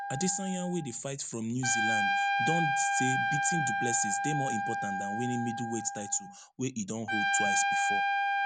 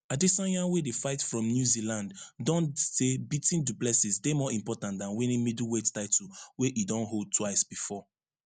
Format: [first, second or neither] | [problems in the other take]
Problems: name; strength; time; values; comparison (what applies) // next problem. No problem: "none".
second | background sound (Trumpet); 4 dB above the speech